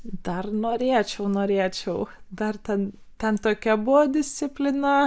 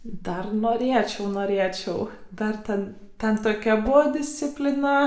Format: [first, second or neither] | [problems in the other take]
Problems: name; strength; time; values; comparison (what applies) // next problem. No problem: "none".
first | background sound (Whoosh, swoosh, swish); 14 dB below the speech // room echo; dies away in 0.6 s